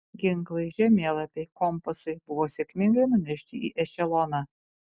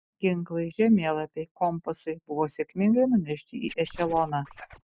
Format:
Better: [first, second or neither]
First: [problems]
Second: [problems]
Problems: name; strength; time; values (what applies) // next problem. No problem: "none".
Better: first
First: none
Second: noise reduction (neural mask model DeepFilterNet 3)